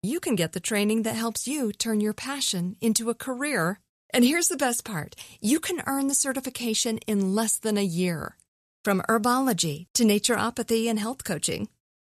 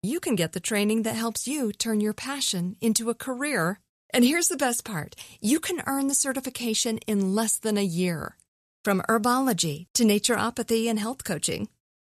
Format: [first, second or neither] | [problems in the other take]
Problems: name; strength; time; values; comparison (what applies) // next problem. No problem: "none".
neither | none